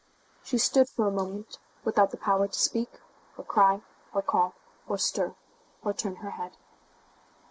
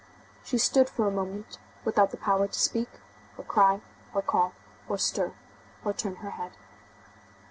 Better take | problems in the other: second | noise reduction (neural mask model Resemble Enhance denoiser)

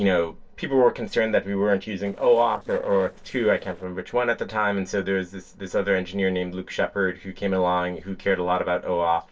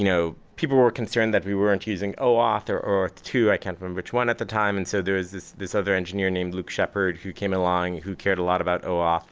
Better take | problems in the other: second | noise reduction (neural separator model SepFormer DNS4)

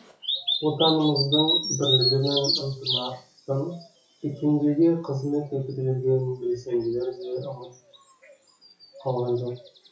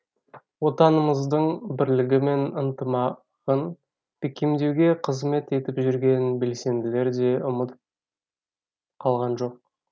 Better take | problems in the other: second | noise reduction (classical method WPE with log-MMSE)

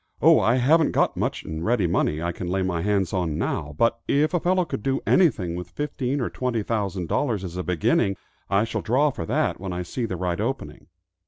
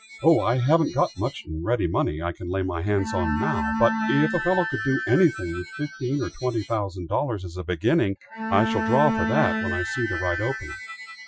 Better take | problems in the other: first | noise reduction (classical method Wiener filter)

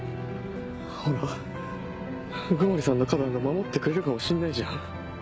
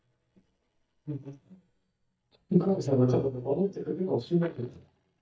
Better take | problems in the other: first | noise reduction (neural mask model DeepFilterNet 3)

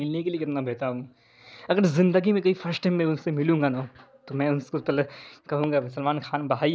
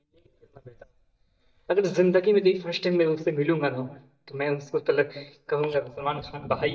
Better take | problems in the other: first | noise reduction (neural mask model DeepFilterNet 3)

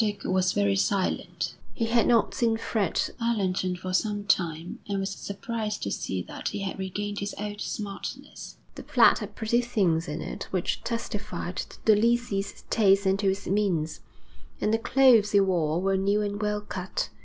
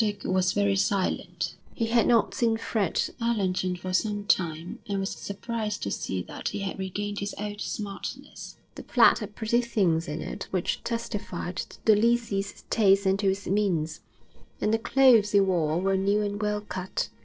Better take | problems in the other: first | noise reduction (neural separator model SepFormer DNS4)

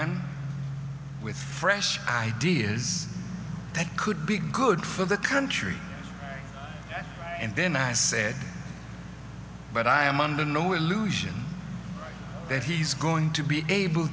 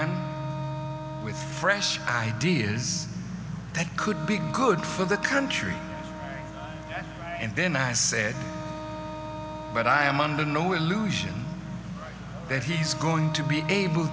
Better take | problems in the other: first | background sound (Wind instrument, woodwind instrument); 12 dB below the speech

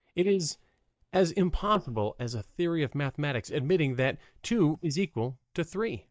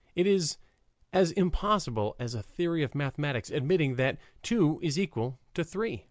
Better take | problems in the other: second | noise reduction (neural mask model DeepFilterNet 3)

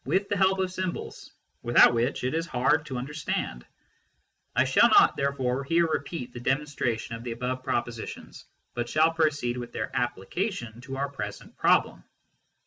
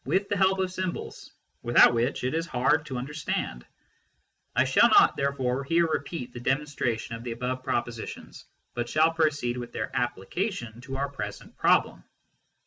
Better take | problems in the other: first | background sound (Thump, thud); 10 dB below the speech

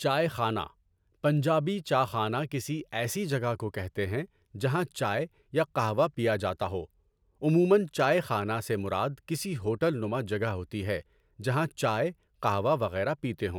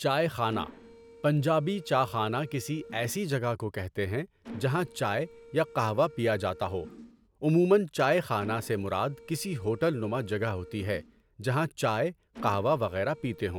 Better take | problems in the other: first | background sound (Mechanisms); 19 dB below the speech

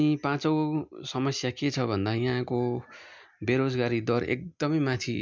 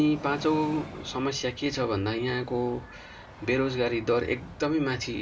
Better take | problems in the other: first | background sound (Train); 16 dB below the speech // room echo; dies away in 0.2 s

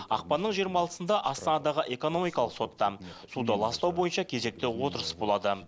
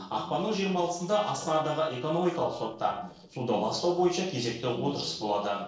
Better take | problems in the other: first | noise reduction (neural separator model SepFormer DNS4)

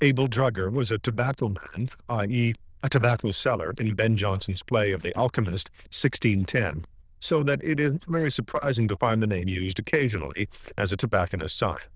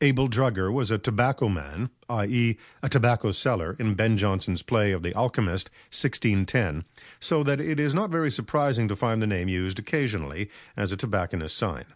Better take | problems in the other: second | noise reduction (neural diffusion model UNIVERSE++)

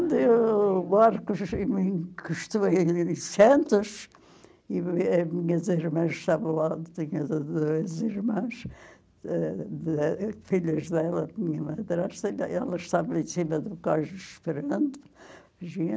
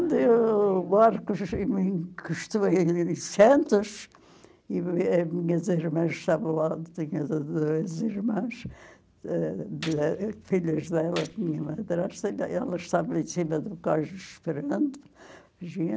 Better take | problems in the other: first | background sound (Gunshot, gunfire); 20 dB below the speech

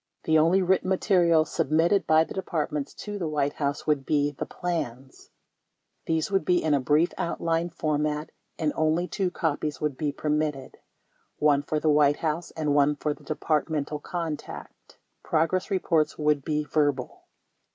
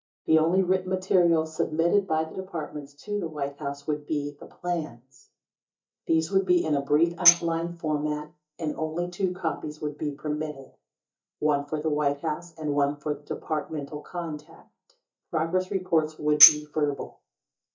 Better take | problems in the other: first | noise reduction (neural mask model DeepFilterNet 3)

